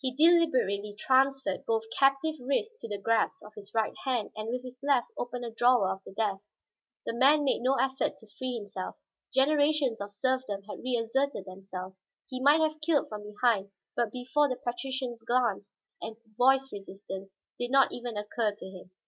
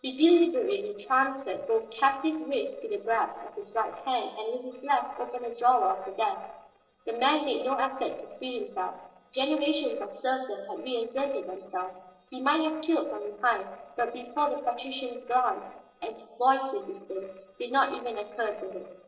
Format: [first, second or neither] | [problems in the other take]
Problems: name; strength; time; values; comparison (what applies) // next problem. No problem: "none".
first | noise reduction (neural separator model SepFormer DNS4)